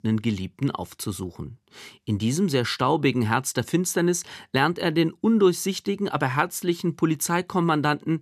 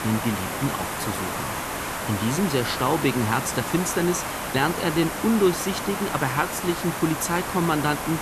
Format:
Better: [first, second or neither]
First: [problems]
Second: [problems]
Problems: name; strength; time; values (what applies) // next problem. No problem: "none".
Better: first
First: none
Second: hiss; loud; throughout; 4 dB below the speech